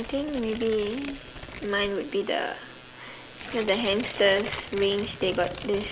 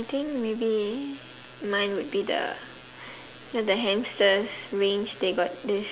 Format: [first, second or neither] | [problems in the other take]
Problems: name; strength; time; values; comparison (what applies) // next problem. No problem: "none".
second | background sound (Tearing); 12 dB below the speech